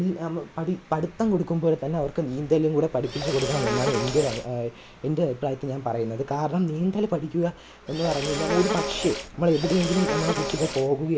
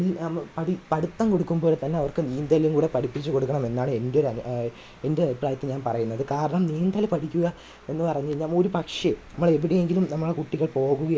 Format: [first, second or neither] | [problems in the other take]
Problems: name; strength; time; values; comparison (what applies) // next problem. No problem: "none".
second | background sound (Insect); 4 dB below the speech